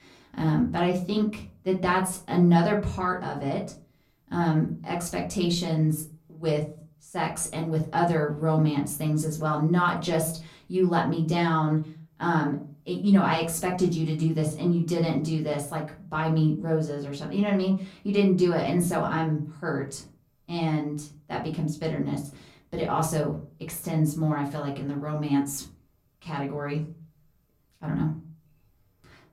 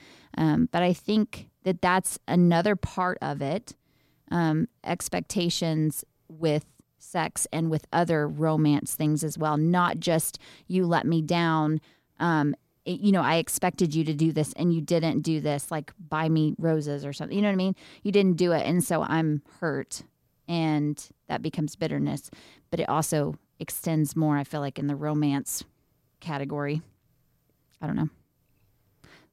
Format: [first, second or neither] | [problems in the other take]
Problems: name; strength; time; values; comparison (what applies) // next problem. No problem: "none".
second | off-mic speech; far // room echo; very slight; dies away in 0.3 s